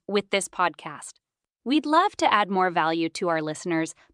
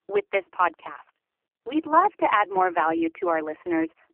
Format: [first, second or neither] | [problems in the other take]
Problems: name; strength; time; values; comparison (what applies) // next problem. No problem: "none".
first | phone-call audio; poor line